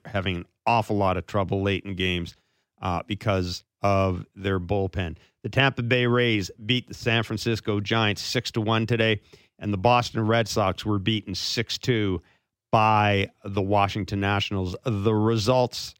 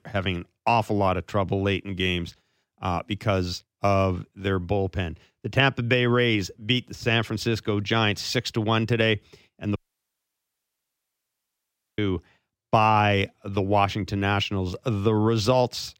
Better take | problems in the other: first | audio cutting out; at 10 s for 2 s

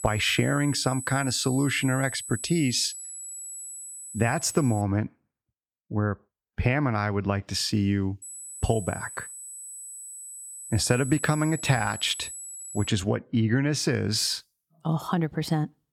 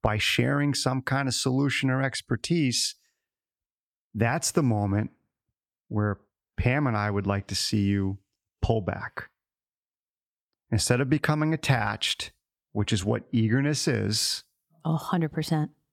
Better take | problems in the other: second | high-pitched whine; noticeable; until 5 s and from 8 to 13 s; 8 kHz, 10 dB below the speech

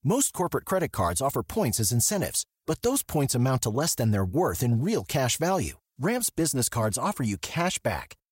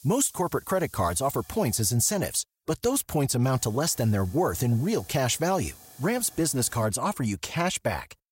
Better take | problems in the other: first | hiss; faint; until 2 s and from 3.5 to 7 s; 25 dB below the speech

